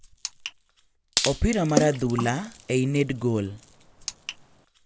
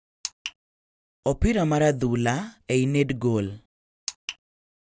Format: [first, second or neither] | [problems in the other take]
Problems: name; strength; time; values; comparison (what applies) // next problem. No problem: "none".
second | background sound (Wood + Water / Splash, splatter); 7 dB below the speech